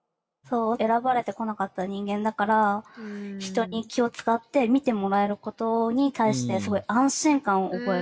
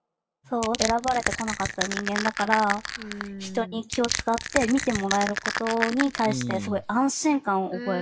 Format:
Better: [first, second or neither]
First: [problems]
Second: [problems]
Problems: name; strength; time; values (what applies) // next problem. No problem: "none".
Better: first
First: none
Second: background sound (Crushing); 5 dB below the speech